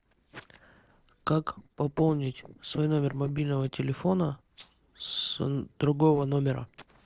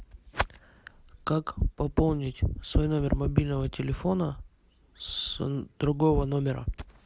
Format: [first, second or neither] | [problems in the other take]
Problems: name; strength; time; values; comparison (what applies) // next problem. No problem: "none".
second | noise reduction (neural separator model SepFormer DNS4)